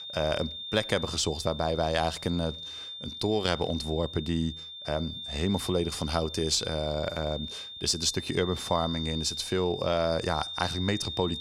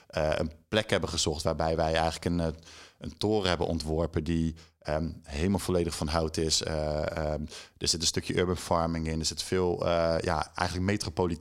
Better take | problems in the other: second | high-pitched whine; loud; throughout; 3.5 kHz, 8 dB below the speech

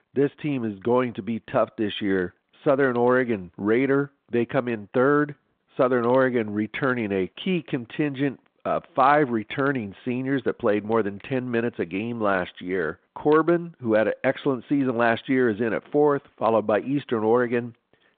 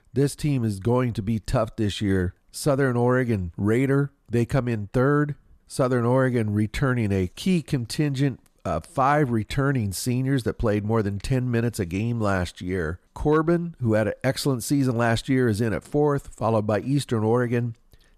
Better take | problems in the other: second | phone-call audio

